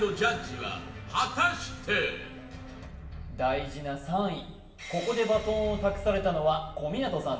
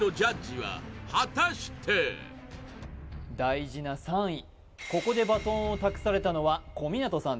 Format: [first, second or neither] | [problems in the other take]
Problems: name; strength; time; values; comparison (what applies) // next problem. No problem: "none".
second | room echo; dies away in 1.1 s